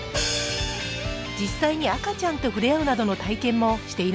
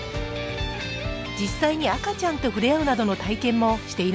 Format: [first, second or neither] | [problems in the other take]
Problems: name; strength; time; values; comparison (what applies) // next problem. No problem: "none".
second | background sound (Hi-hat); 10 dB below the speech